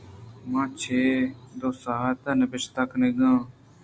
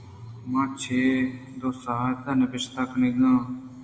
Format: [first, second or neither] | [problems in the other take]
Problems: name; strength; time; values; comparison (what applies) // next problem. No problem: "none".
first | room echo; dies away in 1.7 s